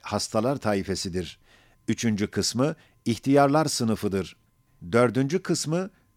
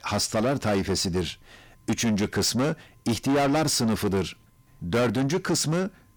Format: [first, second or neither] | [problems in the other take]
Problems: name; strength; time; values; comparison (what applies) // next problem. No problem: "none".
first | distortion; heavy; 6 dB below the speech